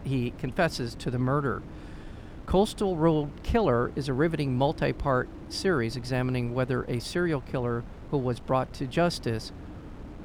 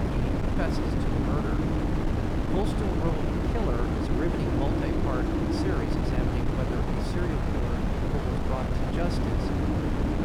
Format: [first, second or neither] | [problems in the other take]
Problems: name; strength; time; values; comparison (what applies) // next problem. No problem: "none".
first | wind noise on the microphone; heavy; 5 dB above the speech; occasional gusts in the first